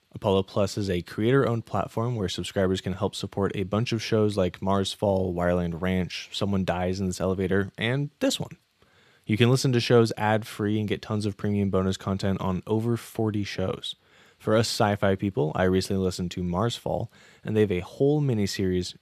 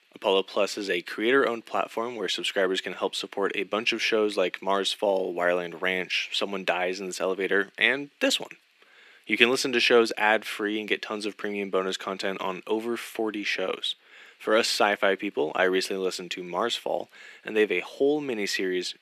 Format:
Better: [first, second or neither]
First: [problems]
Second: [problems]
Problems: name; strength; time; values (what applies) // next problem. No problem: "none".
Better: first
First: none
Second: thin; somewhat; fading below 250 Hz